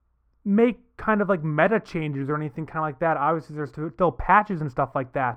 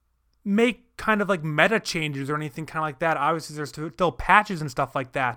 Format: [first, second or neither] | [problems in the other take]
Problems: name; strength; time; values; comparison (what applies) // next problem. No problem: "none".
second | muffled; very; fading above 2.5 kHz